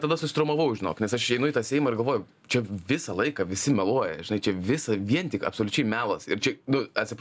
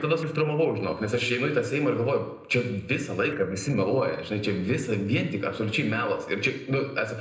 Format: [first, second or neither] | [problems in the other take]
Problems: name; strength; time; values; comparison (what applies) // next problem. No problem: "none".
first | noise reduction (neural separator model SepFormer DNS4)